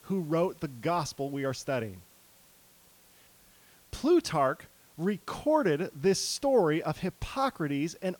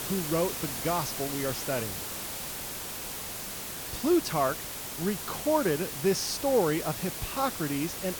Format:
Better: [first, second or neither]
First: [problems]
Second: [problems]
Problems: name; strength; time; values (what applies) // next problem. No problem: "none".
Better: first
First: hiss; faint; throughout; 25 dB below the speech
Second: hiss; loud; throughout; 5 dB below the speech